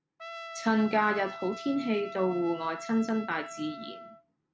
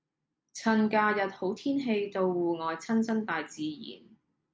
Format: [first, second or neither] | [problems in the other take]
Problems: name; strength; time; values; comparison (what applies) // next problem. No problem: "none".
second | background sound (Trumpet); 12 dB below the speech